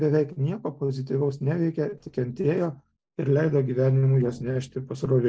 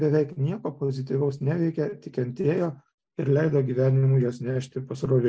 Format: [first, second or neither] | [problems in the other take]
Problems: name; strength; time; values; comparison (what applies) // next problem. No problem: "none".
second | noise reduction (neural separator model SepFormer DNS4)